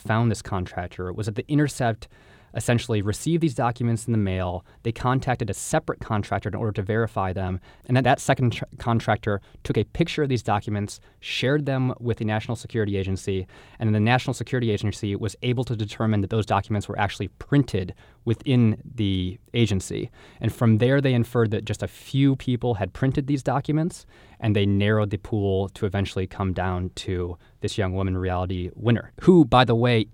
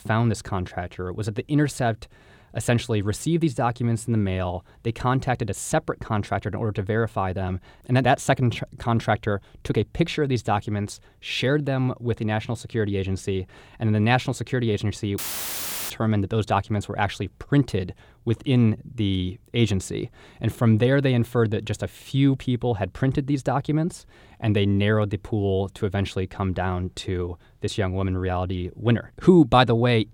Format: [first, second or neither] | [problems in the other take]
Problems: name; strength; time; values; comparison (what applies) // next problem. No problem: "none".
first | audio cutting out; filled with static; at 15 s for 0.5 s